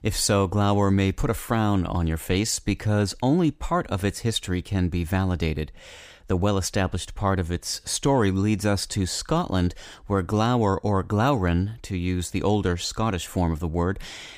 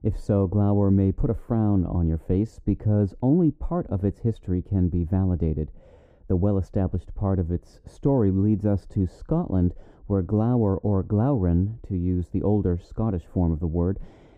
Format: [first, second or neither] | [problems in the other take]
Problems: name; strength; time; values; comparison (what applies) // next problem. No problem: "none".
first | muffled; very; fading above 1 kHz